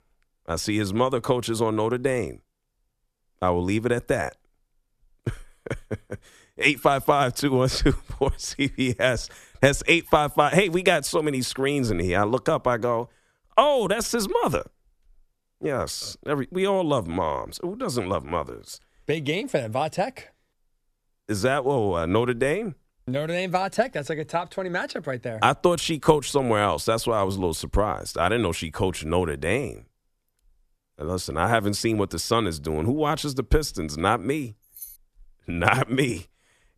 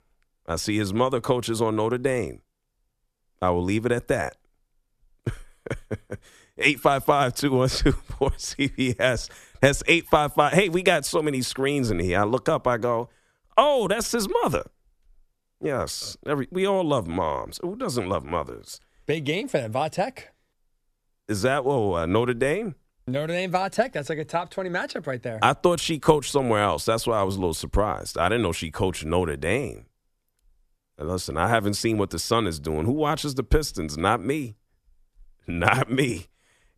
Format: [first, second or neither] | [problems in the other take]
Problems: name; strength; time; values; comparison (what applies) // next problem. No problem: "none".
second | jangling keys; faint; at 35 s; peak 15 dB below the speech